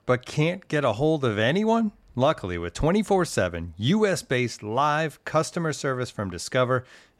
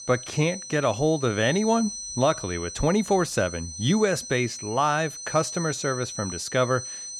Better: first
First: none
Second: high-pitched whine; loud; throughout; 6 kHz, 9 dB below the speech

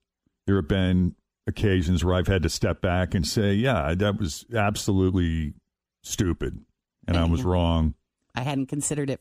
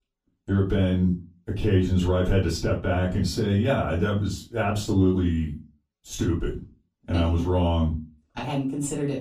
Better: first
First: none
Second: room echo; slight; dies away in 0.2 s // off-mic speech; far

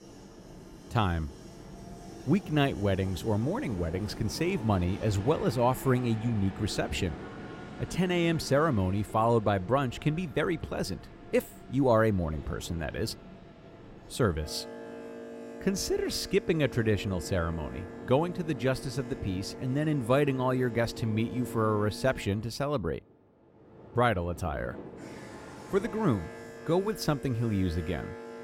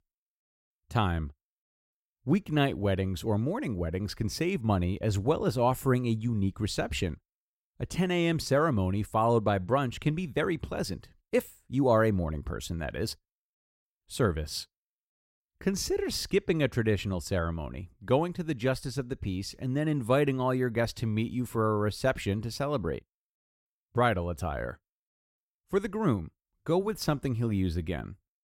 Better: second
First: train or aircraft noise; noticeable; throughout; 15 dB below the speech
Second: none

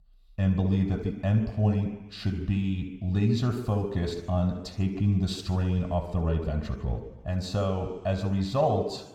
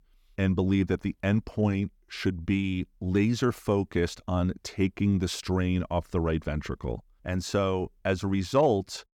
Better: second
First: room echo; slight; dies away in 1 s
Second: none

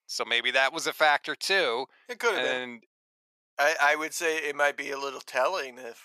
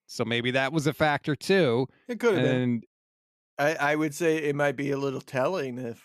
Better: second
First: thin; very; fading below 800 Hz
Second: none

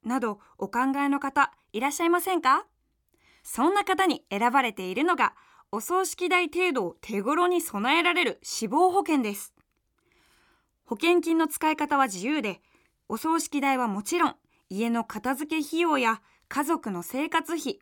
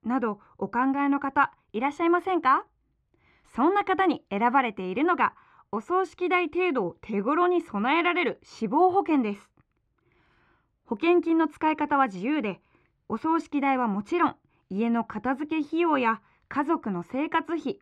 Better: first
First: none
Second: muffled; very; fading above 2 kHz

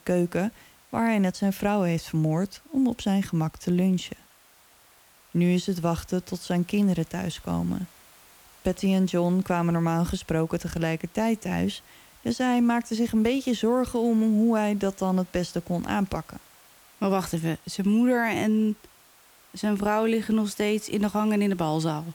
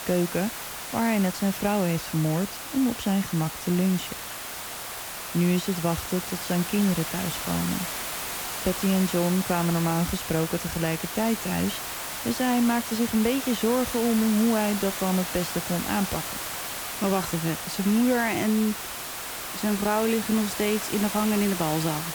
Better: first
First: hiss; faint; throughout; 25 dB below the speech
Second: hiss; loud; throughout; 5 dB below the speech

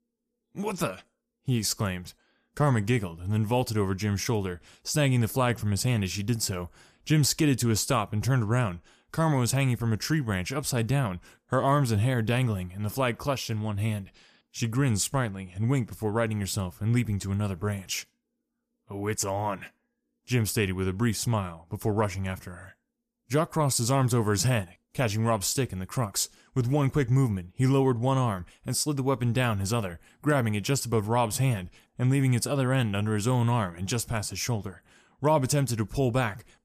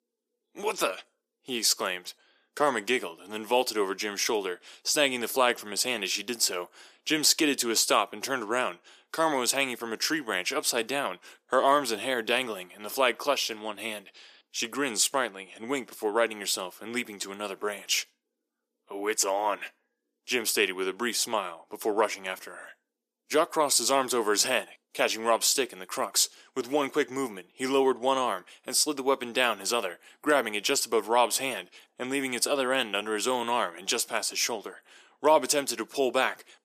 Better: first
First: none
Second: thin; very; fading below 350 Hz

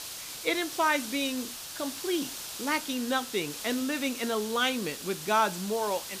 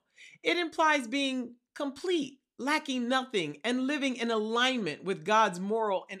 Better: second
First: hiss; loud; throughout; 7 dB below the speech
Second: none

